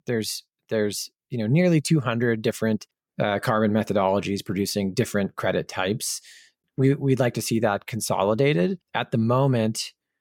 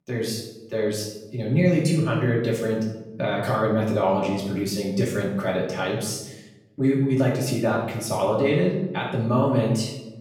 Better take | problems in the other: first | off-mic speech; far // room echo; noticeable; dies away in 0.8 s

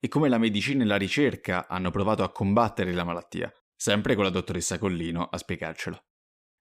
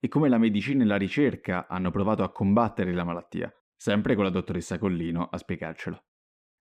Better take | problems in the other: first | muffled; slightly; fading above 3.5 kHz

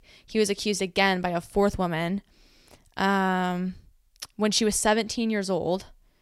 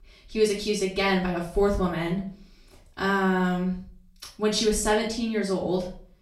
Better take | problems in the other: first | off-mic speech; far // room echo; slight; dies away in 0.4 s

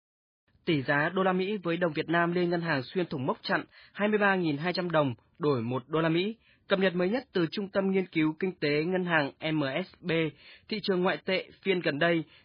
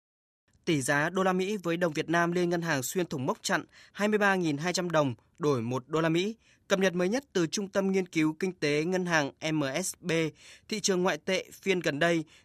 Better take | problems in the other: second | garbled, watery; badly; nothing above 4.5 kHz

